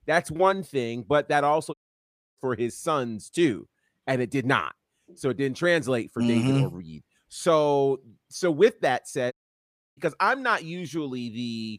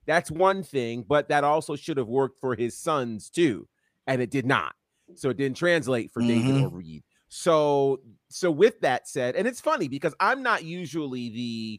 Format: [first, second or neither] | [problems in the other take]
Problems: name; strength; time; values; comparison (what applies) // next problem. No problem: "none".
second | audio cutting out; at 1.5 s for 0.5 s and at 9.5 s for 0.5 s